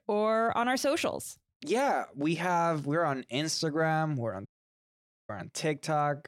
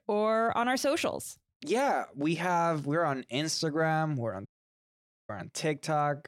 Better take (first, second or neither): neither